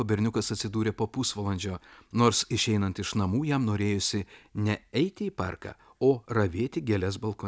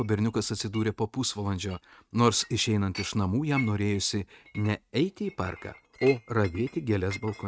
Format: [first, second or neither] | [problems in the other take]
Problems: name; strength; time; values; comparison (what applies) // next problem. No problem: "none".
first | noise reduction (neural mask model RNNoise)